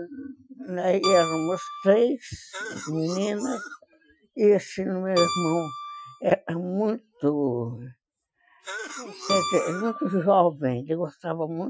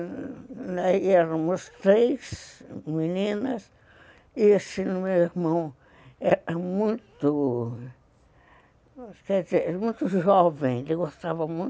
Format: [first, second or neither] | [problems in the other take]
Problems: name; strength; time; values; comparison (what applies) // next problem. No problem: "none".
second | noise reduction (classical method Wiener filter)